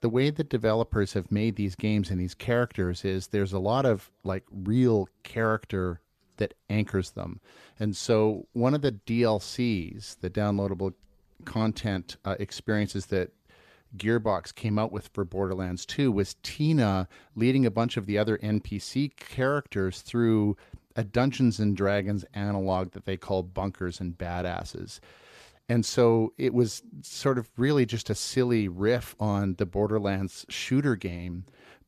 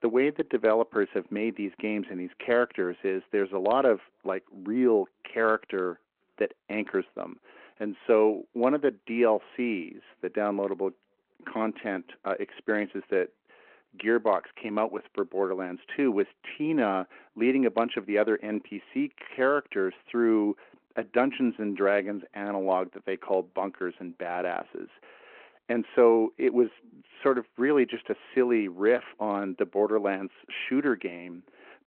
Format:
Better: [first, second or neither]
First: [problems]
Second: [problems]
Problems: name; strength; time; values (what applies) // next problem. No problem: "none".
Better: first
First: none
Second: phone-call audio